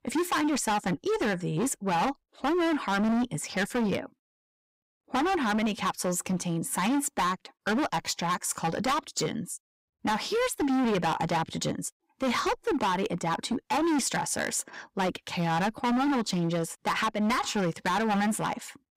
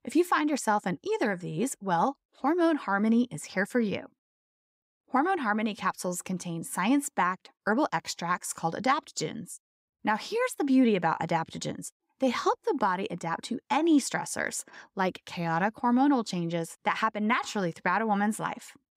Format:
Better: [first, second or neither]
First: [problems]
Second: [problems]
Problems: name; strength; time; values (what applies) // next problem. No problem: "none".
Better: second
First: distortion; heavy; 20% of the sound clipped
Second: none